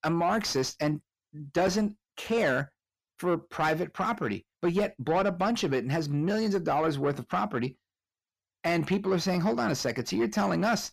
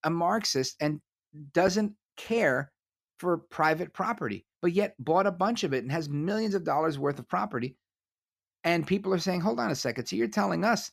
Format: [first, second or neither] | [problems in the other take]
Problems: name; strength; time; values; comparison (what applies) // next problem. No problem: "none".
second | distortion; slight; 10 dB below the speech